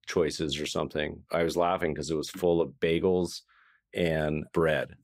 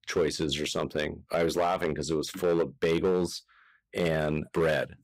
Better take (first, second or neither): first